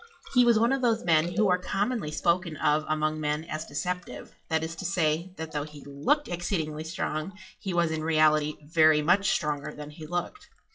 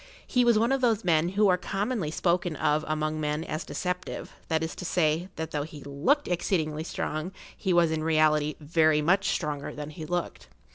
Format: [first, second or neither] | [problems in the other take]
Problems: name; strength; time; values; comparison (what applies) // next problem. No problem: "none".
second | noise reduction (classical method WPE with log-MMSE)